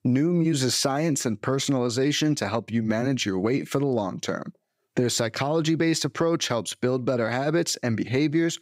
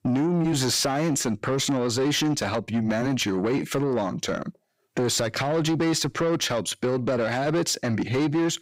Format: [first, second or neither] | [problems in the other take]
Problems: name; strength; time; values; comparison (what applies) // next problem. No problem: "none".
first | distortion; slight; 10 dB below the speech